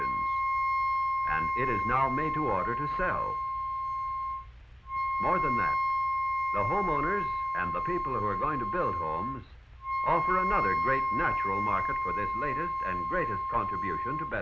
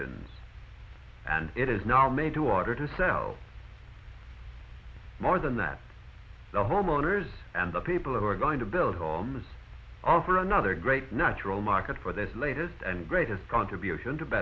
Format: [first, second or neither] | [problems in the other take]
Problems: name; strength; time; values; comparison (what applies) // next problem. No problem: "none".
second | background sound (Wind instrument, woodwind instrument); 3 dB above the speech